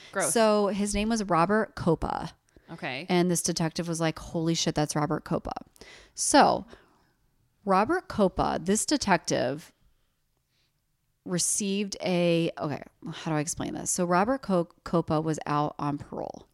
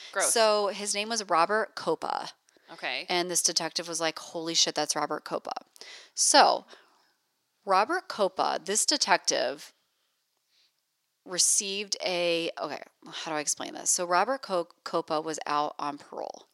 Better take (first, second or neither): first